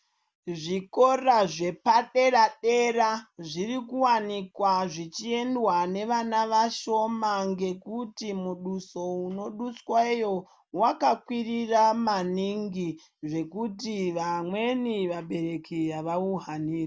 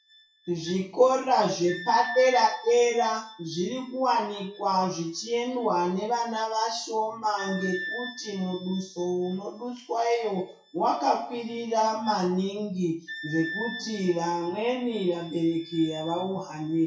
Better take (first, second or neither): first